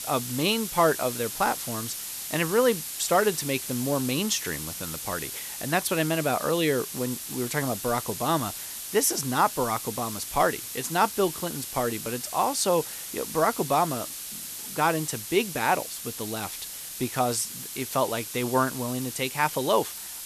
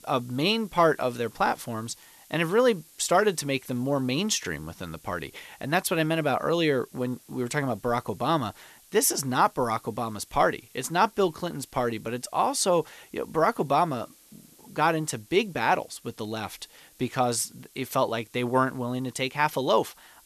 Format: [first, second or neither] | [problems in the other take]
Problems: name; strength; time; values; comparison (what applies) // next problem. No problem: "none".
second | hiss; loud; throughout; 7 dB below the speech; faint in the second